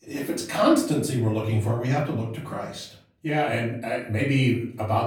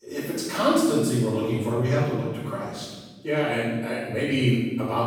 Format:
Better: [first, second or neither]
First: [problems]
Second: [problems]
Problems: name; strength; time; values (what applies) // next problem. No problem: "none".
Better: first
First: room echo; slight; dies away in 0.5 s // off-mic speech; far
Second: room echo; strong; dies away in 1.2 s // off-mic speech; far